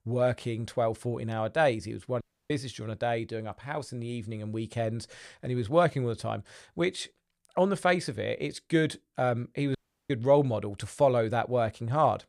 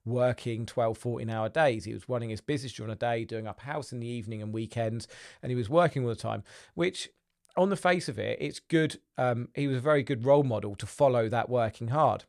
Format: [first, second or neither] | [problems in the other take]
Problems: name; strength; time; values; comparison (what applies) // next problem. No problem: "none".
second | audio cutting out; at 2 s and at 10 s